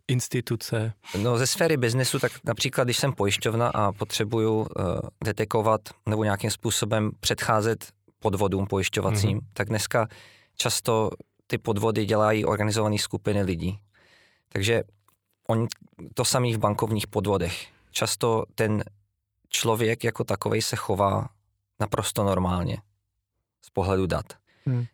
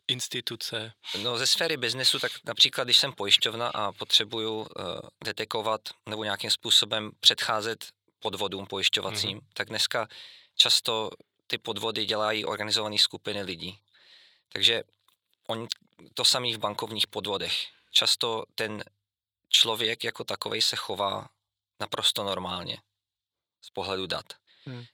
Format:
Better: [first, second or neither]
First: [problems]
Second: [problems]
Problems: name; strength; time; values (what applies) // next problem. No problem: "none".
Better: first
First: none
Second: thin; somewhat; fading below 850 Hz